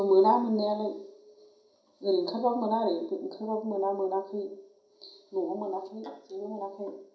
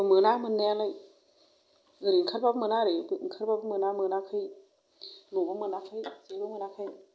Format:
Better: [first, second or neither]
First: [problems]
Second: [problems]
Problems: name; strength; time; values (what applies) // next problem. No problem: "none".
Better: second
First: room echo; dies away in 0.5 s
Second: none